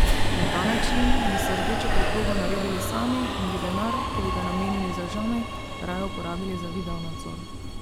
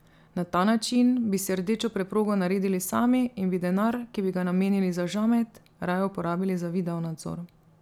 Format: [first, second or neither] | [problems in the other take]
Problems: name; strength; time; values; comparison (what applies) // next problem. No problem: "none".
second | background sound (Subway, metro, underground); 5 dB above the speech